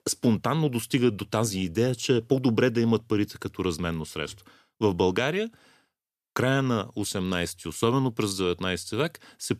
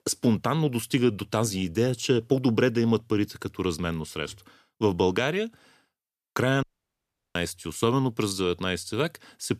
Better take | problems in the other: first | audio cutting out; at 6.5 s for 0.5 s

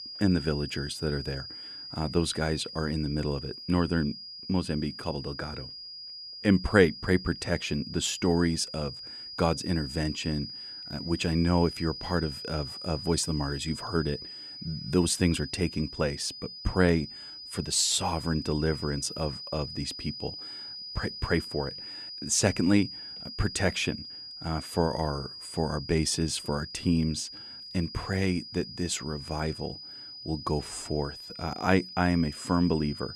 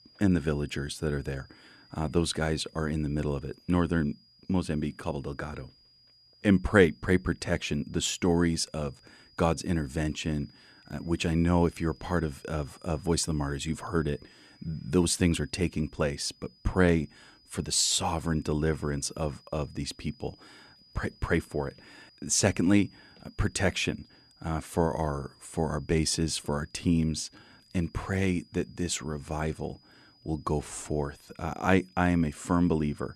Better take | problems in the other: second | high-pitched whine; loud; throughout; 5 kHz, 10 dB below the speech; faint in the second

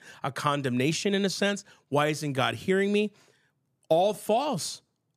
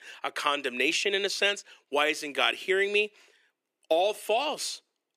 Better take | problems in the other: first | thin; somewhat; fading below 350 Hz

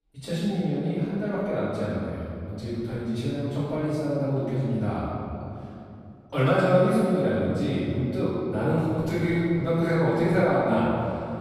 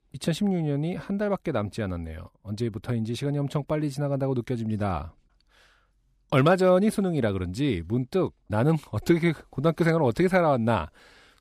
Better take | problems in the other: second | off-mic speech; far // room echo; strong; dies away in 2.5 s

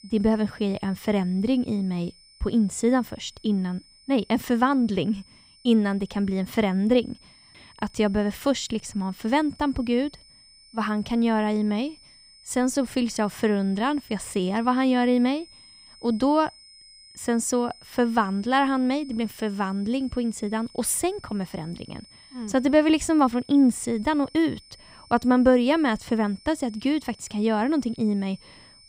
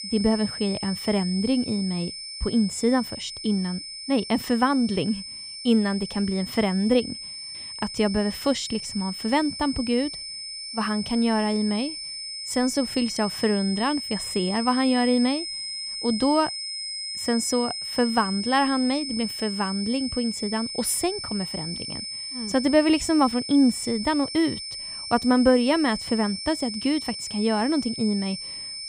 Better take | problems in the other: first | high-pitched whine; loud; throughout; 5.5 kHz, 7 dB below the speech; faint in the first

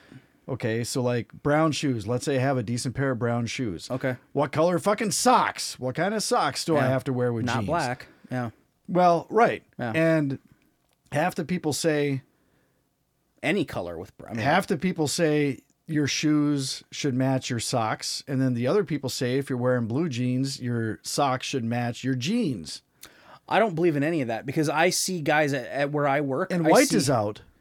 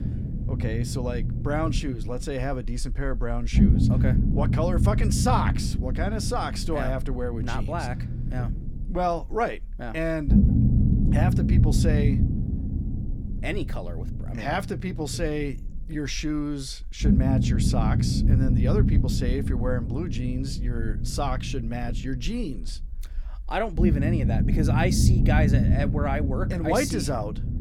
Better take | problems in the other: first | low rumble; loud; throughout; 5 dB below the speech

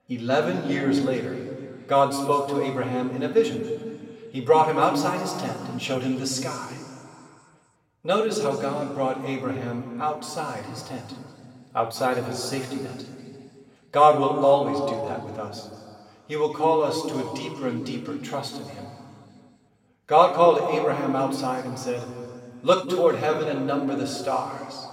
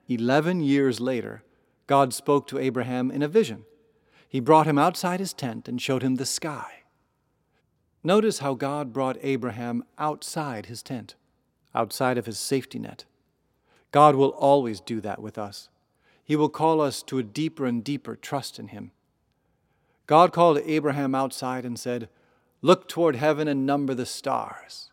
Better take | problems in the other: second | room echo; noticeable; dies away in 2.2 s // off-mic speech; far

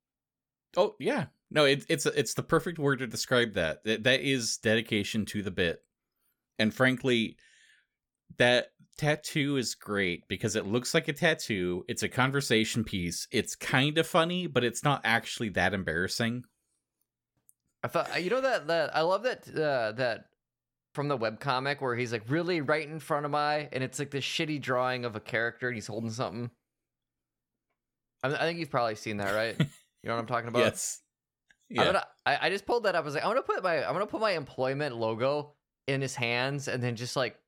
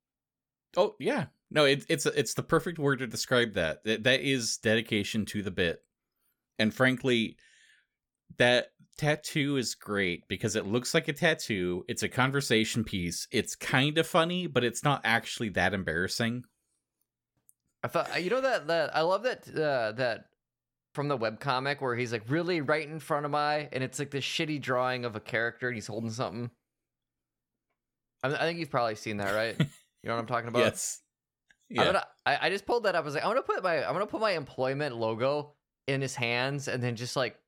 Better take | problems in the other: neither | none

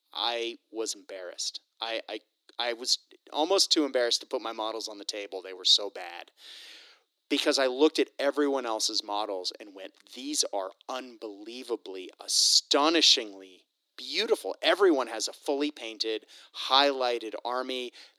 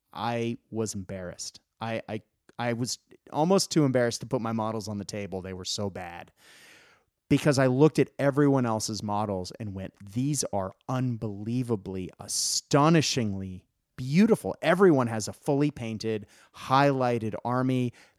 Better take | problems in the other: second | thin; somewhat; fading below 300 Hz

